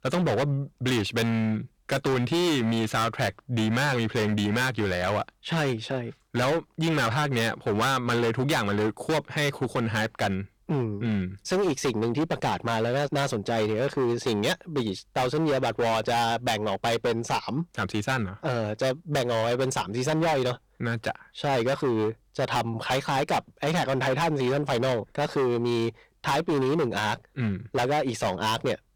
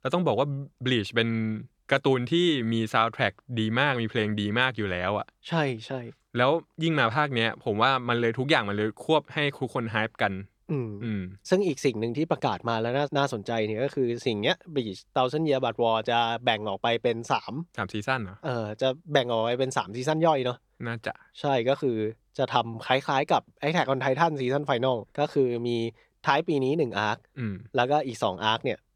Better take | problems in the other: second | distortion; heavy; 22% of the sound clipped

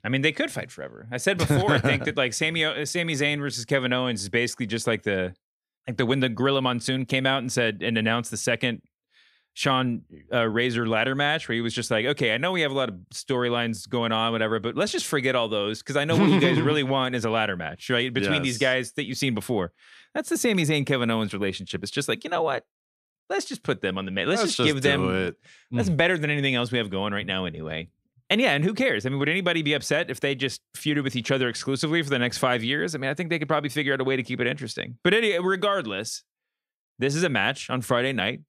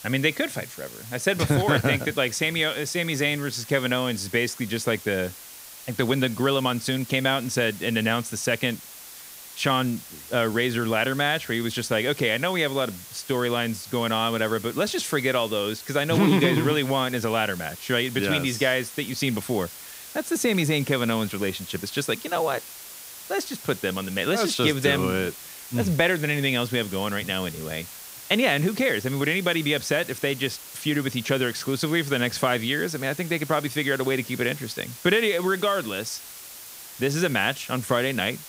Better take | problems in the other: first | hiss; noticeable; throughout; 15 dB below the speech

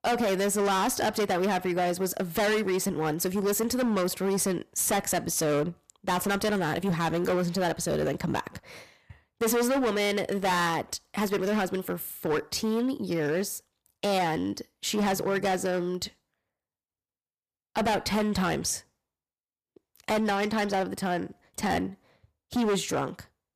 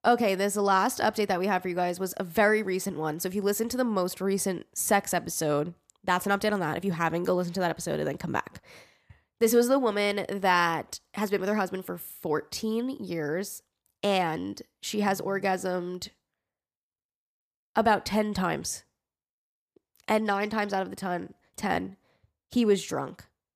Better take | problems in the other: second | distortion; heavy; 16% of the sound clipped

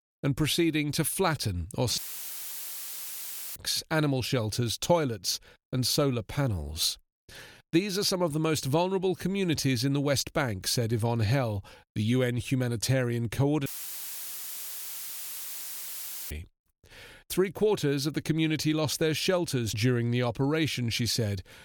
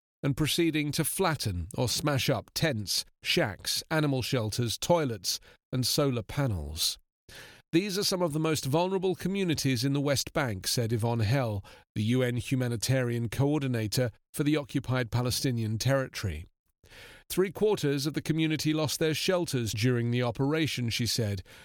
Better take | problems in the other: second | audio cutting out; filled with static; at 2 s for 1.5 s and at 14 s for 2.5 s

